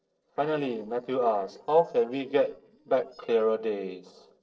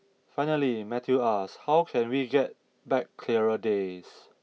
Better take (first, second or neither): second